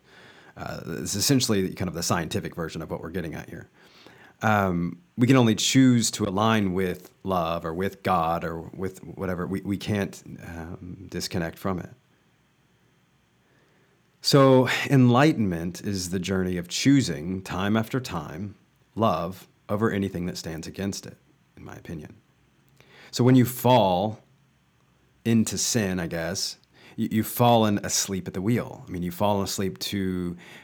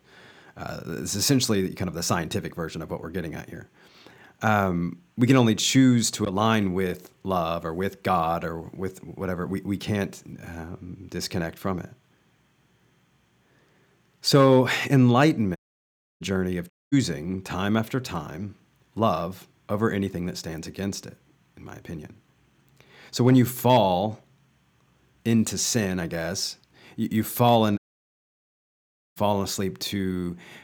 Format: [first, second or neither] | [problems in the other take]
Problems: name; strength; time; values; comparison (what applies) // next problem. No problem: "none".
first | audio cutting out; at 16 s for 0.5 s, at 17 s and at 28 s for 1.5 s